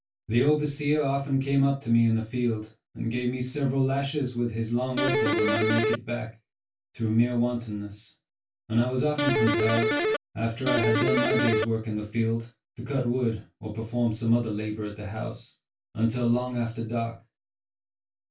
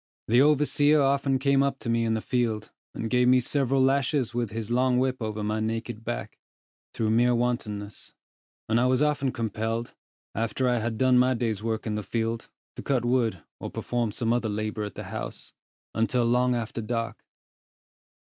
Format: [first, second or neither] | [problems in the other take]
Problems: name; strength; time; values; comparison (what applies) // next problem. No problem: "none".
second | background sound (Electric guitar); 3 dB above the speech // room echo; dies away in 0.2 s